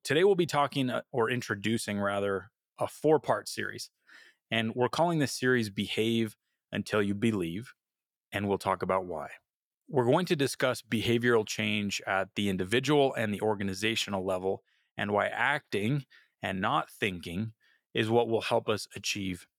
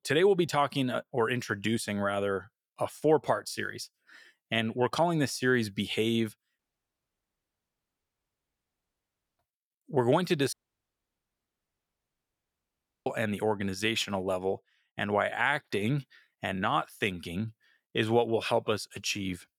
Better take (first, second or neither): first